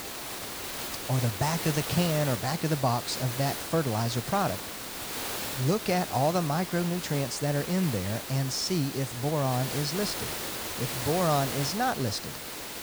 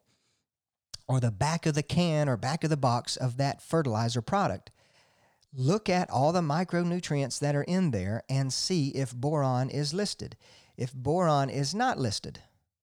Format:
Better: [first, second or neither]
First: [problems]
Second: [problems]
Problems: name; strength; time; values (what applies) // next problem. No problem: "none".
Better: second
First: hiss; loud; throughout; 5 dB below the speech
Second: none